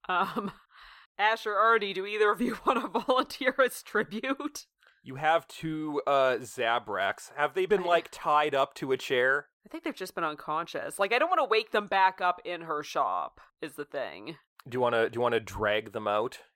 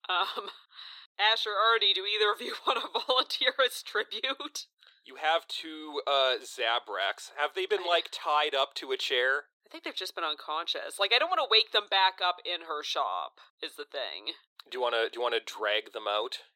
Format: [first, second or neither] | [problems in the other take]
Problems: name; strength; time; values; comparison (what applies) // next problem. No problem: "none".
first | thin; somewhat; fading below 350 Hz